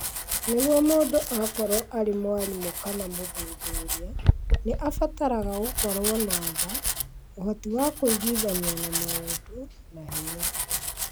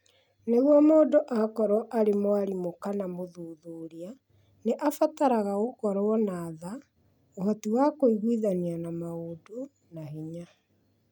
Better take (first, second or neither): second